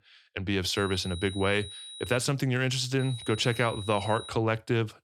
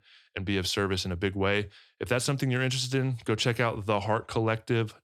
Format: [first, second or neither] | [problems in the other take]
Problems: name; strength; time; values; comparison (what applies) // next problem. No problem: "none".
second | high-pitched whine; noticeable; from 1 to 2 s and from 3 to 4.5 s; 4 kHz, 15 dB below the speech